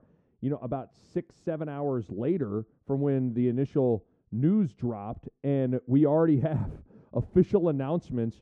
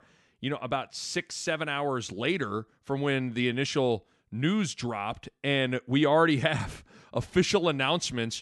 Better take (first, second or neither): second